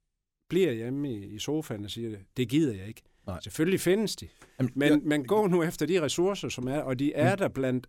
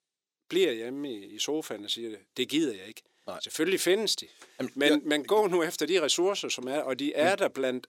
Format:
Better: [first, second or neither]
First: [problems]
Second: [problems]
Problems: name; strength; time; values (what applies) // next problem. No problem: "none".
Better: first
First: none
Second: thin; somewhat; fading below 400 Hz